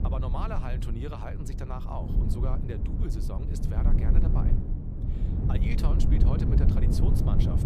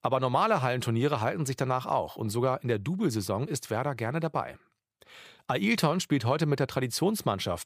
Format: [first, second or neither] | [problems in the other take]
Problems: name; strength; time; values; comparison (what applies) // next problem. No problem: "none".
second | low rumble; loud; throughout; as loud as the speech